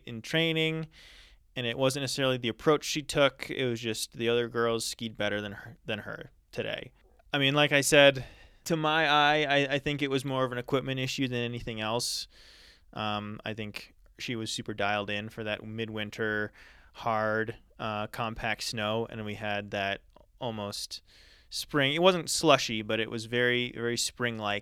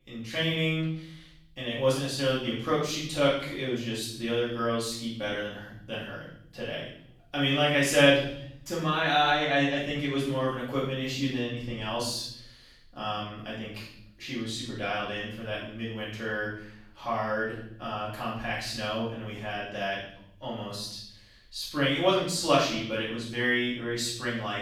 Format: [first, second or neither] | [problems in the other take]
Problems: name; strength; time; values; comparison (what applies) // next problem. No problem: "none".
first | off-mic speech; far // room echo; noticeable; dies away in 0.7 s